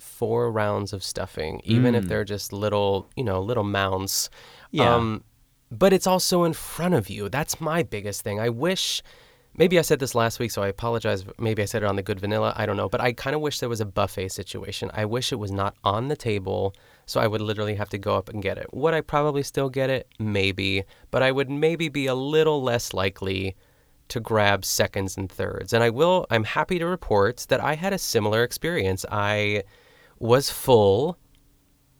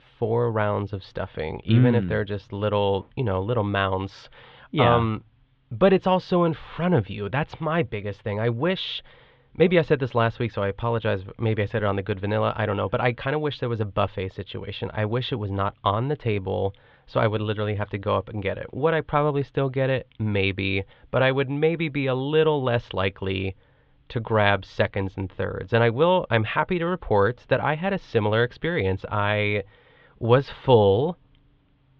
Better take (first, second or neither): first